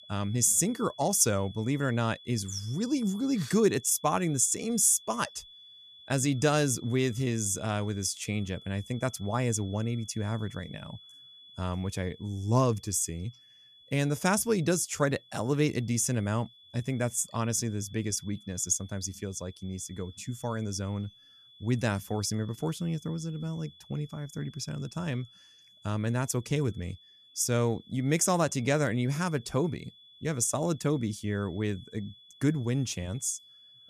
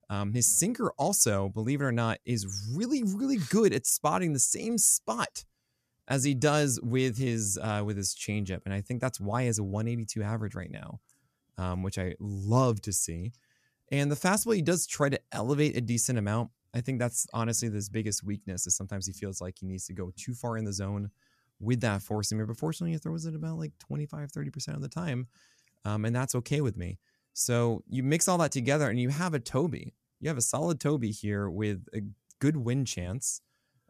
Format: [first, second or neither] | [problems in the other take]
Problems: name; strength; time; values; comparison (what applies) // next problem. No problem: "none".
second | high-pitched whine; faint; throughout; 3.5 kHz, 20 dB below the speech